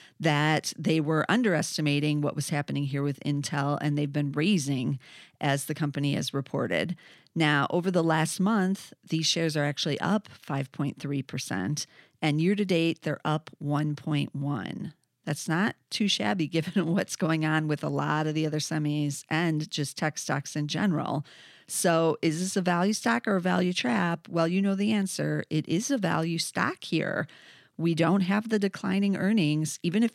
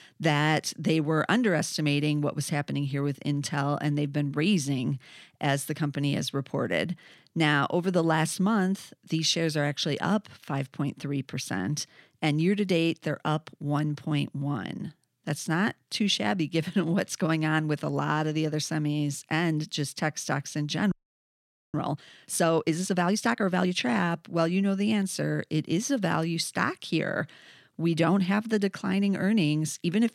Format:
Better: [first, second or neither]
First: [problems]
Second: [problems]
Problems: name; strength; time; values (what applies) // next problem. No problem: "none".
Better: first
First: none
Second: audio freezing; at 21 s for 1 s